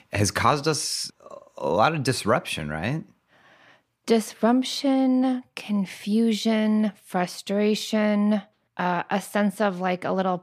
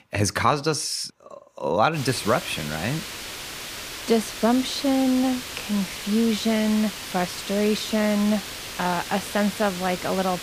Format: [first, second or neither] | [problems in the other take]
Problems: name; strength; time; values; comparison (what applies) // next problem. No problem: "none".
first | hiss; loud; from 2 s on; 8 dB below the speech